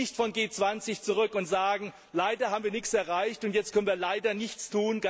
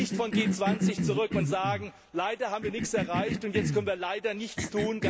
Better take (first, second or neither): first